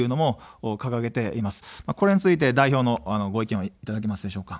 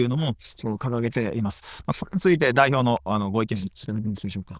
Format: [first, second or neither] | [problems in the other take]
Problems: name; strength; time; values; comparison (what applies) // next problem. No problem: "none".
first | noise reduction (neural diffusion model UNIVERSE++)